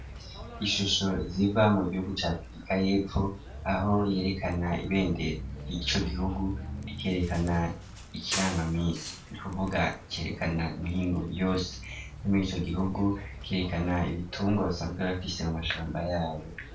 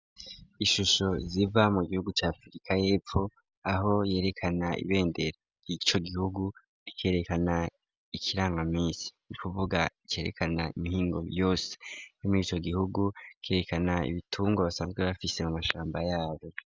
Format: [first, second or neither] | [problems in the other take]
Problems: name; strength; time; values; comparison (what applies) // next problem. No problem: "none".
second | background sound (Bus); 11 dB below the speech // room echo; dies away in 0.3 s